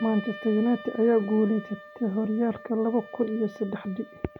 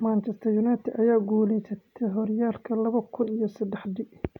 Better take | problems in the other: second | background sound (Wind instrument, woodwind instrument); 18 dB below the speech

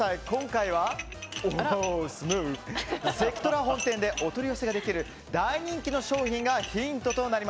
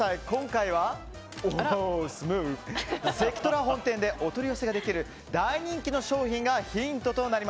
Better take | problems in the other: second | background sound (Dishes, pots, and pans); 14 dB below the speech

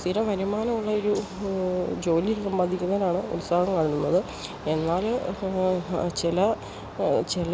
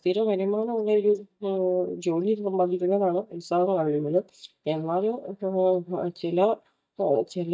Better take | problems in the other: first | noise reduction (neural mask model DeepFilterNet 3)

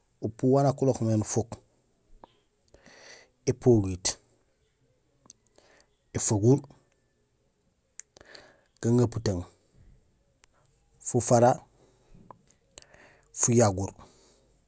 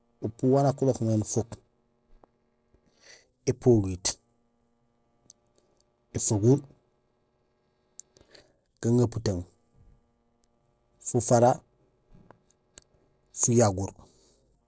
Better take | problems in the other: first | noise reduction (neural separator model SepFormer DNS4)

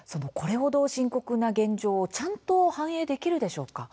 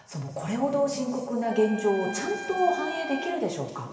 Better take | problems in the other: first | background sound (Trumpet); 12 dB below the speech // room echo; dies away in 2.3 s

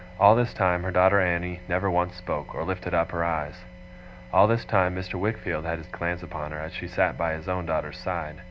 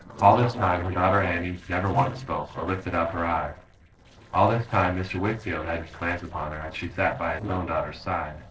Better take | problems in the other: first | noise reduction (neural separator model SepFormer DNS4)

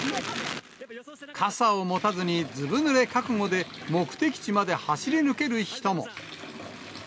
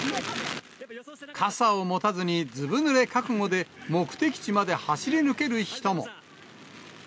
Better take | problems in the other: second | background sound (Bathtub (filling or washing) / Liquid); 18 dB below the speech

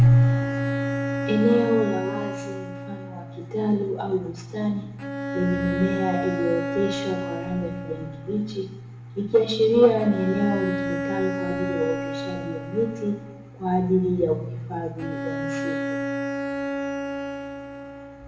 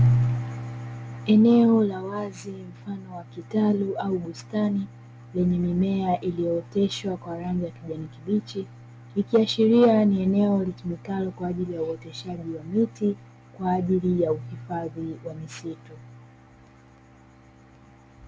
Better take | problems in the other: second | background sound (Bowed string instrument); 6 dB below the speech // room echo; dies away in 0.8 s

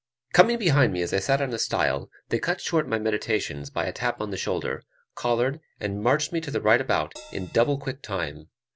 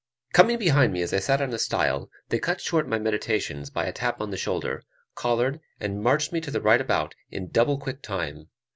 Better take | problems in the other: second | background sound (Crash cymbal); 19 dB below the speech

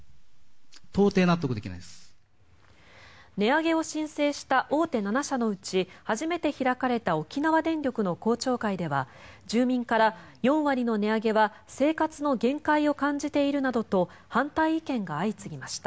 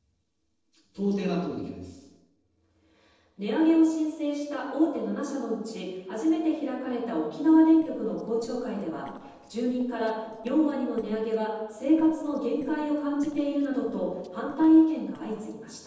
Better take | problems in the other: first | noise reduction (neural separator model SepFormer DNS4)

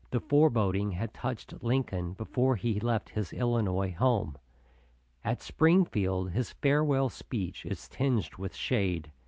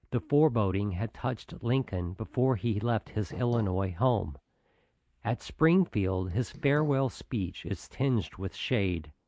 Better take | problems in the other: first | noise reduction (neural mask model Resemble Enhance denoiser)

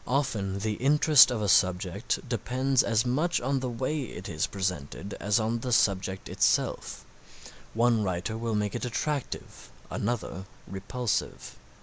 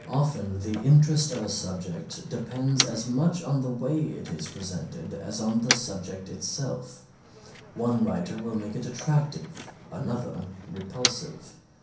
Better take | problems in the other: first | background sound (Motor vehicle (road)); 9 dB below the speech // room echo; dies away in 0.6 s

